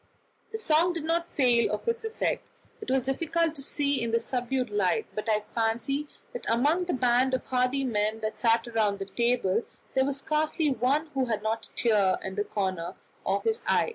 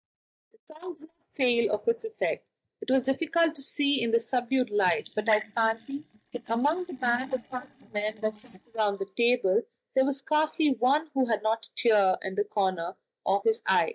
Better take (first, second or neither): first